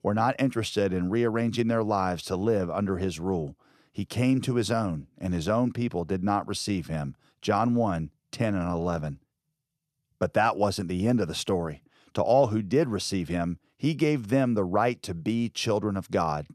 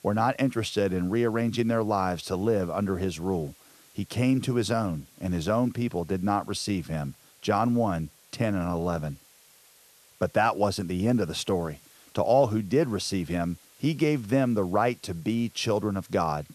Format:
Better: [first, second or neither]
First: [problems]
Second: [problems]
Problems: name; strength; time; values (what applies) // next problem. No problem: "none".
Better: first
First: none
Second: hiss; faint; throughout; 25 dB below the speech